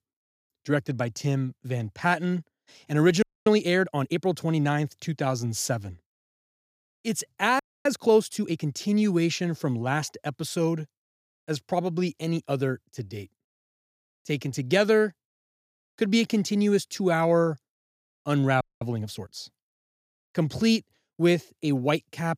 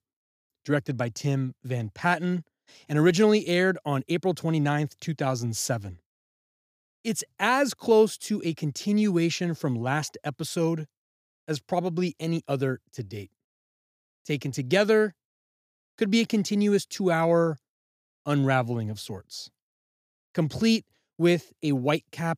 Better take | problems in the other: second | audio freezing; at 3 s, at 7.5 s and at 19 s

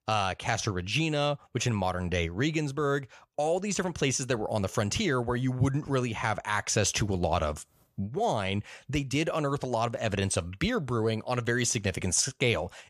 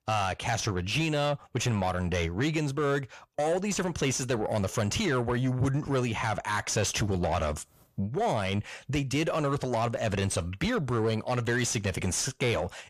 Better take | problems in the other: first | distortion; slight; 10 dB below the speech

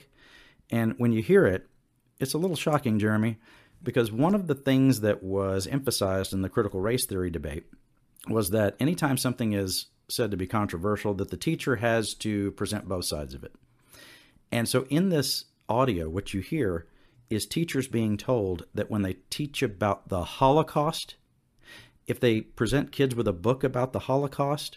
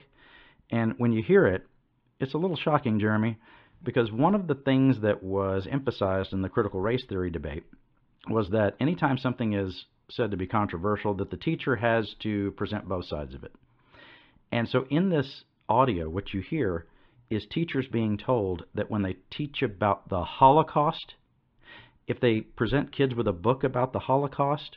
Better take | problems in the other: first | muffled; very; fading above 3.5 kHz

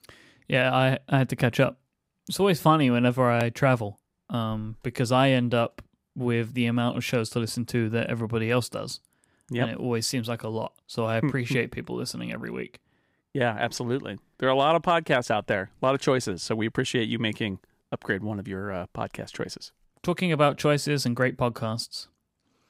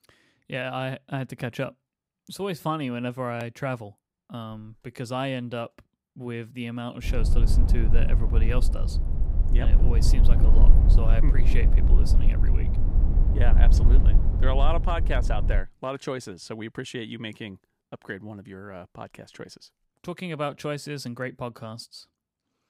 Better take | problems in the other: first | low rumble; loud; from 7 to 16 s; 7 dB below the speech

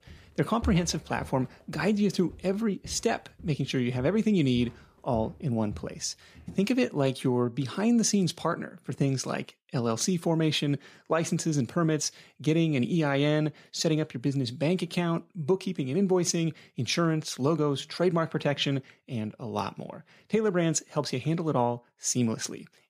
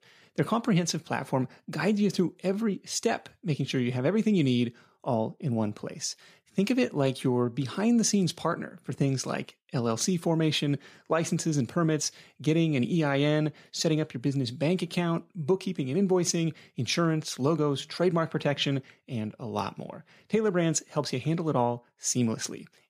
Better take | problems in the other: second | footsteps; noticeable; until 6.5 s; peak 8 dB below the speech

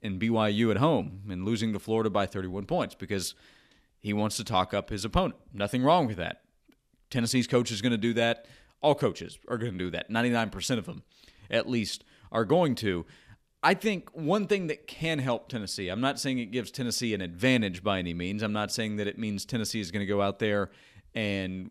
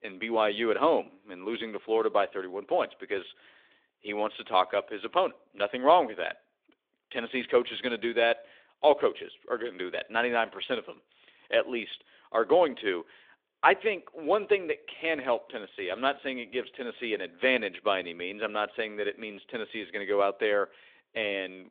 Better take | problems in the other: first | phone-call audio

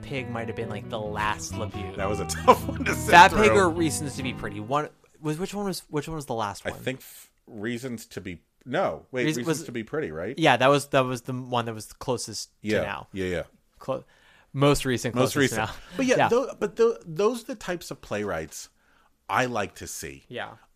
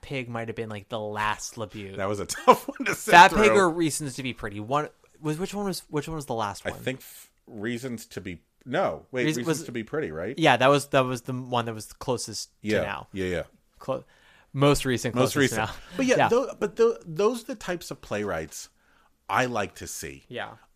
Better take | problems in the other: second | background music; noticeable; until 4.5 s; 10 dB below the speech

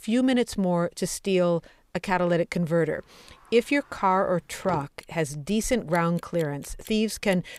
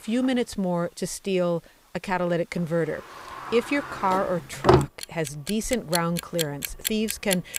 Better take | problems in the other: first | household noises; loud; throughout; 1 dB below the speech; faint in the first

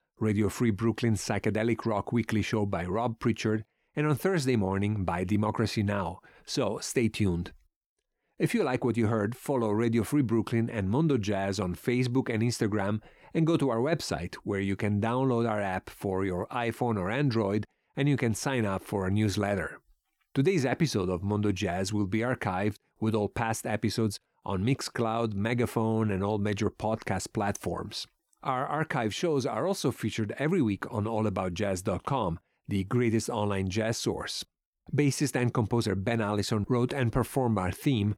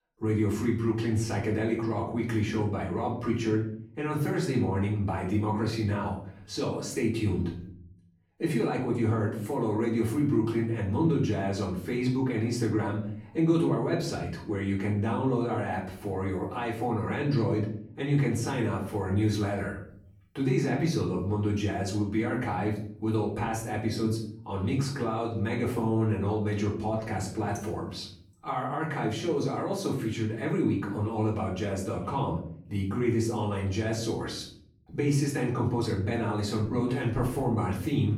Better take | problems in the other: first | off-mic speech; far // room echo; noticeable; dies away in 0.6 s

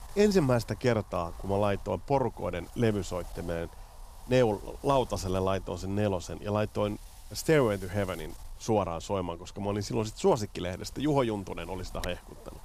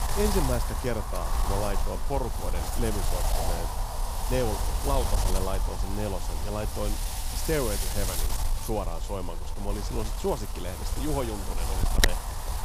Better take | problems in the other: first | wind noise on the microphone; heavy; as loud as the speech; occasional gusts in the first

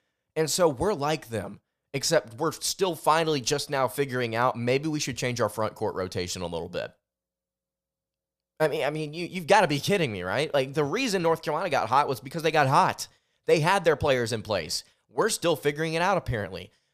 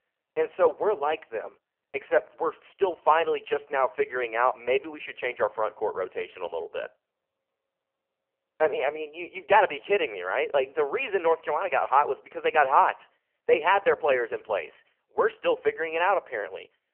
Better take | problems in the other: first | phone-call audio; poor line; nothing above 3 kHz

